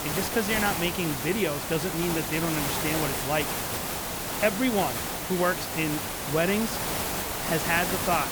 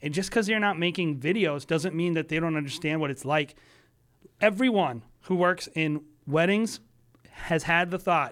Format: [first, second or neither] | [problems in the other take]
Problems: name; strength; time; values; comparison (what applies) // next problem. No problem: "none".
second | hiss; loud; throughout; 1 dB below the speech